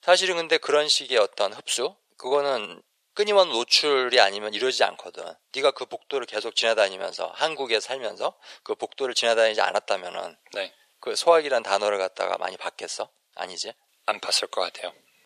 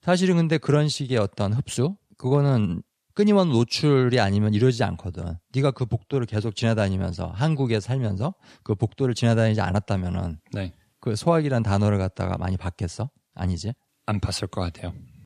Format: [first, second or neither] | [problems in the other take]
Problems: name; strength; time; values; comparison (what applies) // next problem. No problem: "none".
second | thin; very; fading below 500 Hz